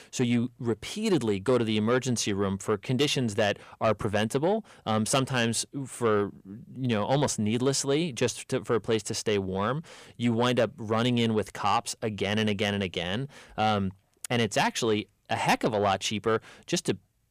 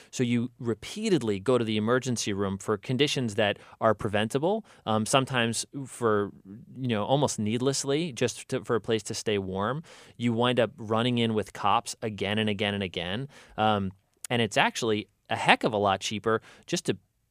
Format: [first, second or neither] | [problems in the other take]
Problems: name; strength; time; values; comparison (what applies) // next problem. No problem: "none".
second | distortion; slight; 10 dB below the speech